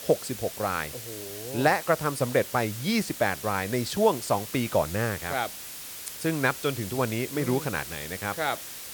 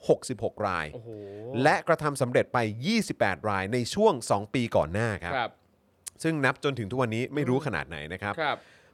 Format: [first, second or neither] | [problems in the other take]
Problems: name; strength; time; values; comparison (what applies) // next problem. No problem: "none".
second | hiss; loud; throughout; 9 dB below the speech